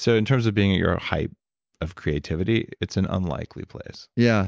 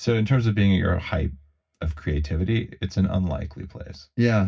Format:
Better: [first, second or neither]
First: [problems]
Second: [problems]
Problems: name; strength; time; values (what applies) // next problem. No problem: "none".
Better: first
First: none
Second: room echo; dies away in 0.4 s